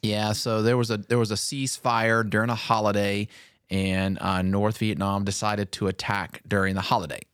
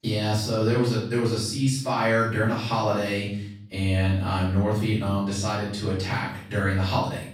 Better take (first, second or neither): first